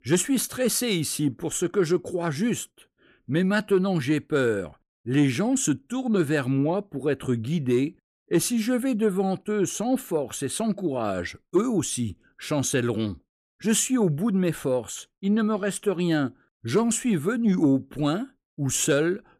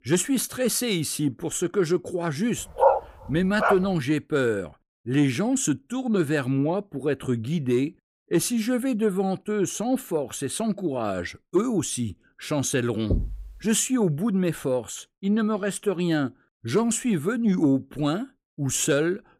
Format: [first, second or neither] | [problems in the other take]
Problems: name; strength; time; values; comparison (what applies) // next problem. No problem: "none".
first | dog barking; loud; at 3 s; peak 4 dB above the speech // door banging; noticeable; at 13 s; peak 4 dB below the speech